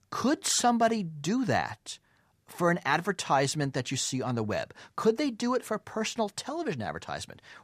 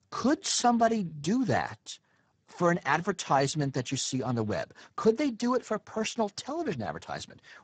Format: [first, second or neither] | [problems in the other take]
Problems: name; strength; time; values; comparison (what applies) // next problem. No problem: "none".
first | garbled, watery; badly; nothing above 8 kHz